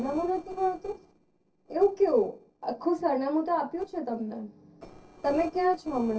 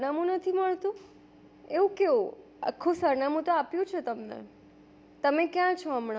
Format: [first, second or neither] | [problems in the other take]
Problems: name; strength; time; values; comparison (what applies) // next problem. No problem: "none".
second | noise reduction (neural separator model SepFormer DNS4)